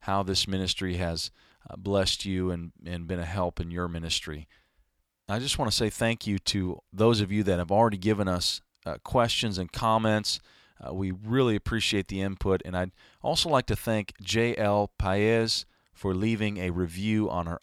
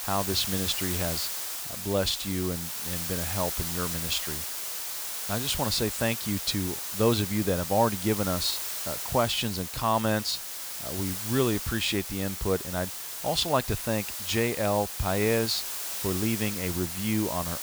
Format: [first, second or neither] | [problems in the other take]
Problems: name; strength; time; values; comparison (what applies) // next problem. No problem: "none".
first | hiss; loud; throughout; 3 dB below the speech